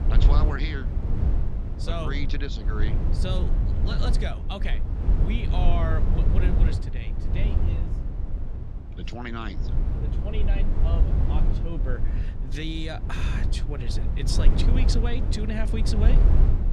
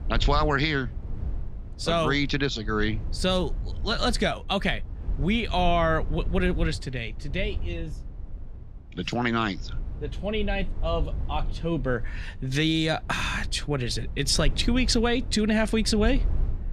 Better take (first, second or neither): second